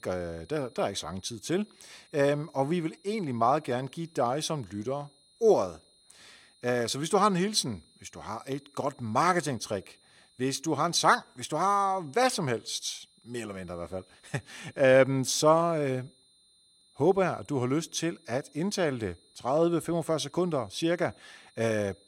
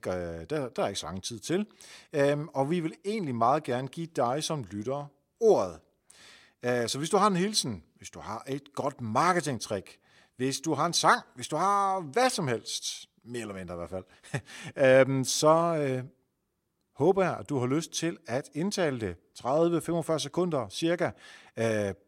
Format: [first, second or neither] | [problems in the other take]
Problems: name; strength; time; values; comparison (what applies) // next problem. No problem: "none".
second | high-pitched whine; faint; throughout; 4 kHz, 30 dB below the speech